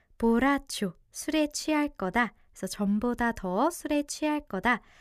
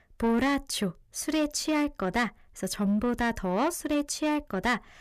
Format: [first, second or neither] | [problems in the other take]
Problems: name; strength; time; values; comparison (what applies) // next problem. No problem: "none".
first | distortion; slight; 10 dB below the speech